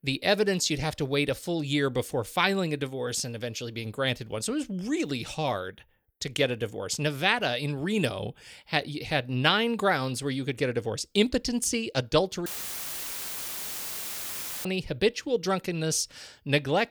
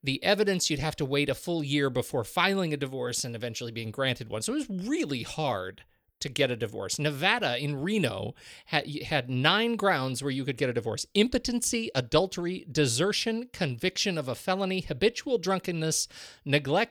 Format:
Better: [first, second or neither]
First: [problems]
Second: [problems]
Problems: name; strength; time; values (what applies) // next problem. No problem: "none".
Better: second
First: audio cutting out; filled with static; at 12 s for 2 s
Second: none